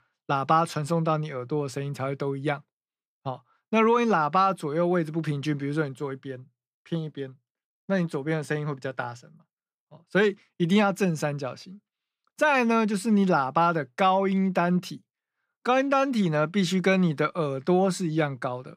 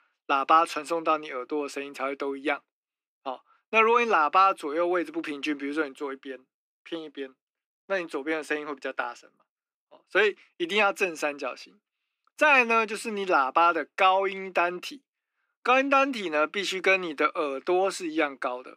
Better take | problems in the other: first | thin; somewhat; fading below 300 Hz

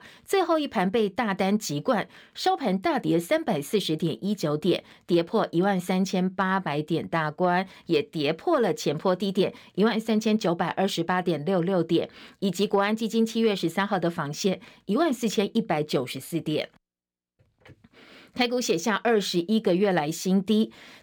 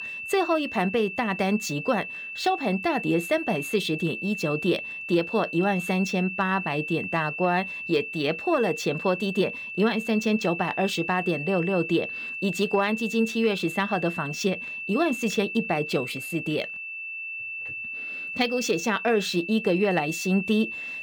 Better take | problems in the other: first | high-pitched whine; loud; throughout; 2.5 kHz, 6 dB below the speech

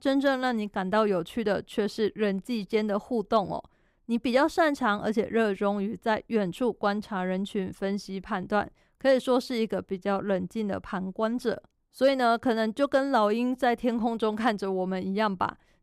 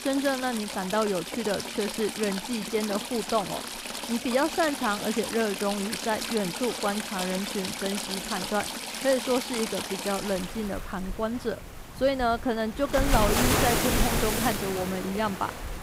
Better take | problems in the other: first | rain or running water; loud; throughout; 2 dB below the speech

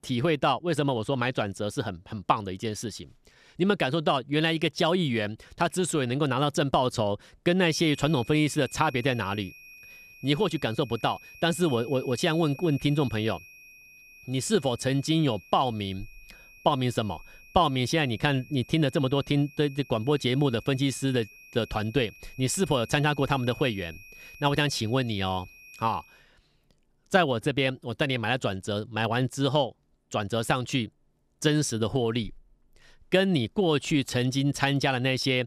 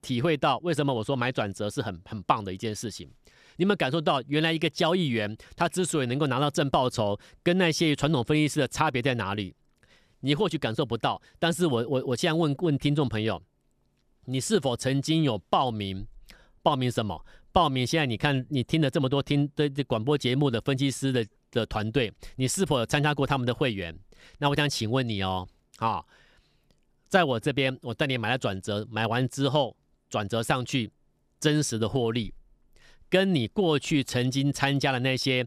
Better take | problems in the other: second | high-pitched whine; faint; from 7.5 to 26 s; 2.5 kHz, 20 dB below the speech

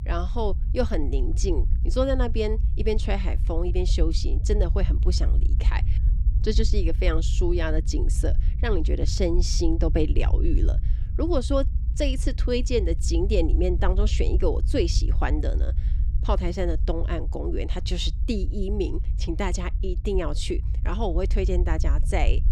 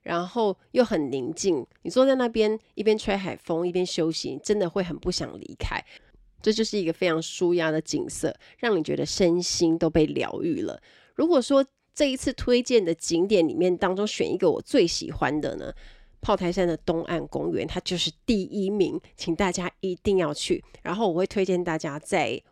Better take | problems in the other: second | low rumble; noticeable; throughout; 15 dB below the speech

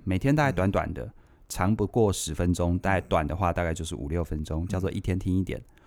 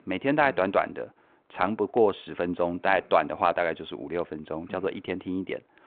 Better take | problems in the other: first | phone-call audio; nothing above 4 kHz

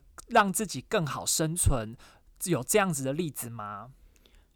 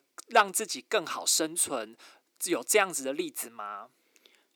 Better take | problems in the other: first | thin; somewhat; fading below 300 Hz

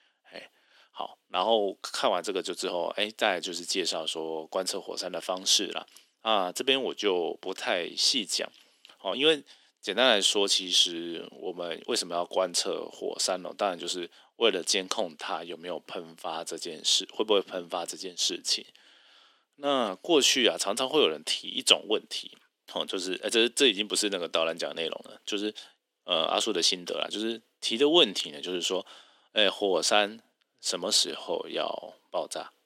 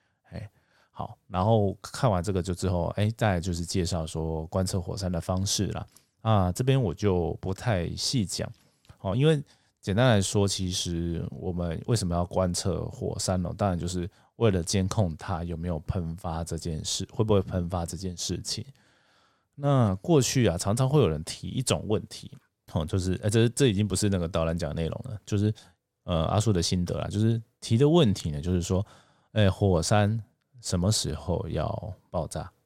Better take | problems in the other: second | thin; somewhat; fading below 300 Hz

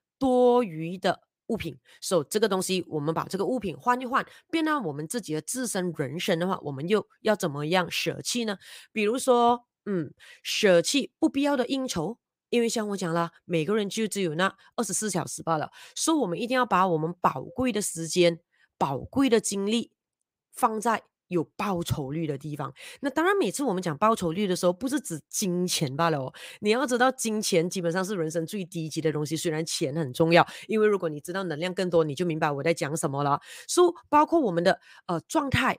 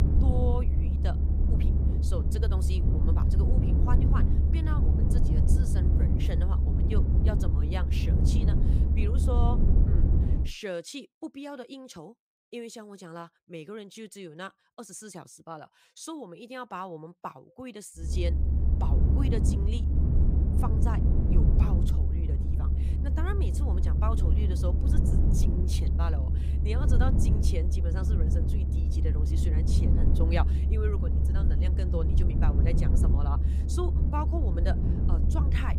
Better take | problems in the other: first | low rumble; loud; until 10 s and from 18 s on; as loud as the speech

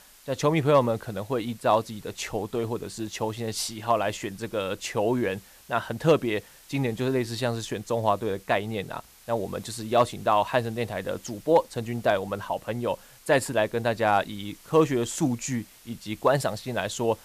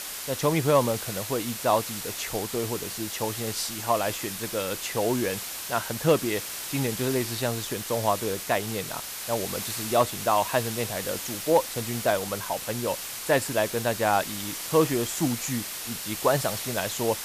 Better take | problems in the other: first | hiss; loud; throughout; 5 dB below the speech; faint in the first

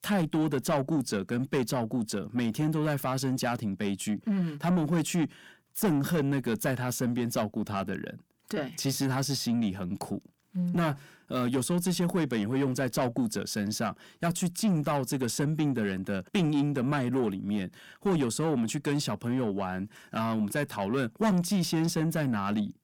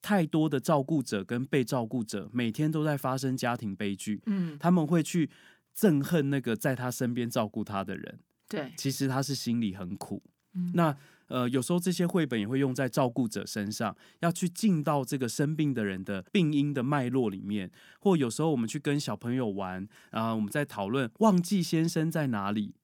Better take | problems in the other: second | distortion; slight; 10 dB below the speech

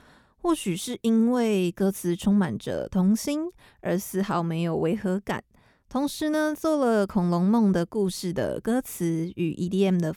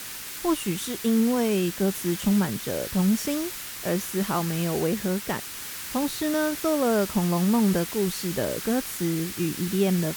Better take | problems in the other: first | hiss; loud; throughout; 7 dB below the speech

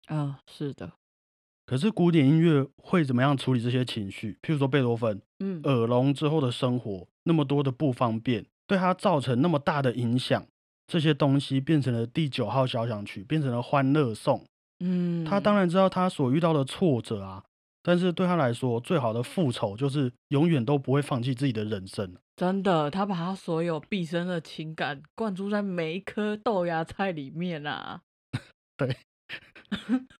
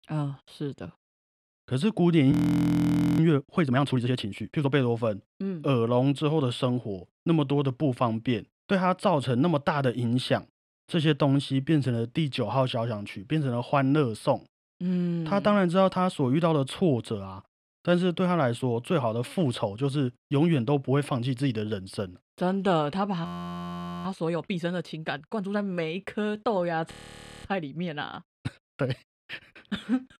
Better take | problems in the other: first | audio freezing; at 2.5 s for 1 s, at 23 s for 1 s and at 27 s for 0.5 s

